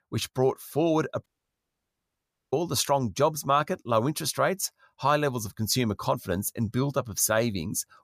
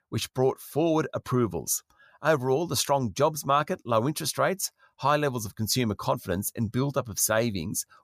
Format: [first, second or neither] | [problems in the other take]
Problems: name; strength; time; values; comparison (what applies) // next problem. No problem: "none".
second | audio cutting out; at 1.5 s for 1.5 s